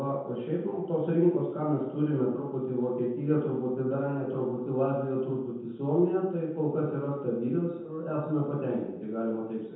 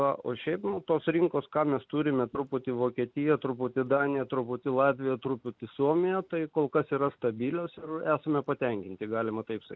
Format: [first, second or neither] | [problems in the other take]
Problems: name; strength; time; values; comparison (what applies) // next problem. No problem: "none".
second | room echo; dies away in 0.9 s